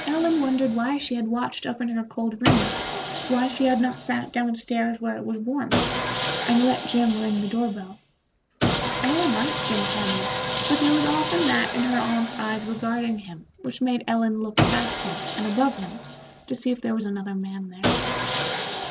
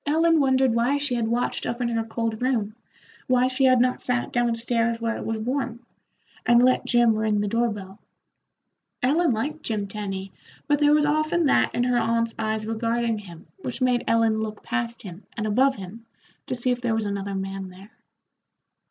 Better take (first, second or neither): second